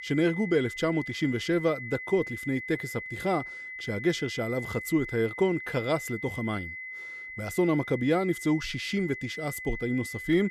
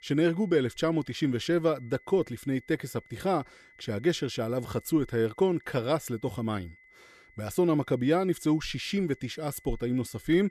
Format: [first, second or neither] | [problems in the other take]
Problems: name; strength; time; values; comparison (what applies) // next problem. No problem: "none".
second | high-pitched whine; loud; throughout; 2 kHz, 8 dB below the speech; faint in the second